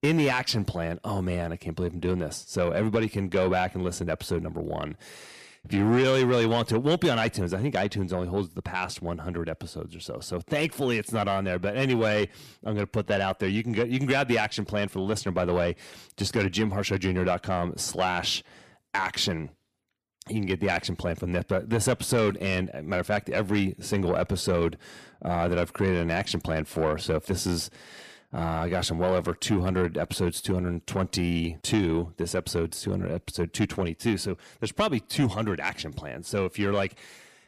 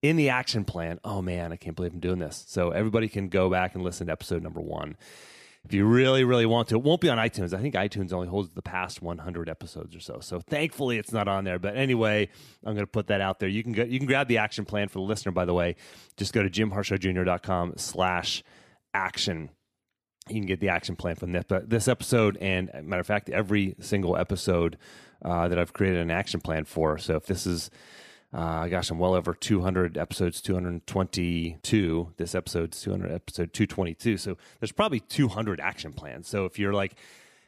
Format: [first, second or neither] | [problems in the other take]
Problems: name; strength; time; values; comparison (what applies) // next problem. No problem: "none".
second | distortion; slight; 10 dB below the speech